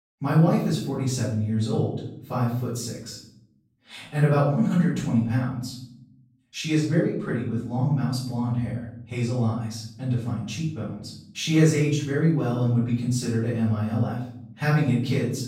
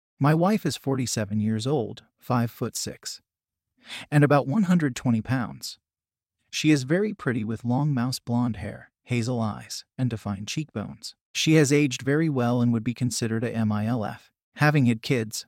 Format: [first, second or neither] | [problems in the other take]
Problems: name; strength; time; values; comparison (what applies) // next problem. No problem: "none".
second | off-mic speech; far // room echo; noticeable; dies away in 0.7 s